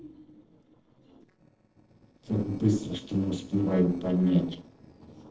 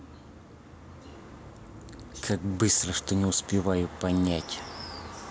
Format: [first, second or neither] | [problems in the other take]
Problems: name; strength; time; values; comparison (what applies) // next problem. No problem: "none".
second | noise reduction (neural separator model SepFormer DNS4)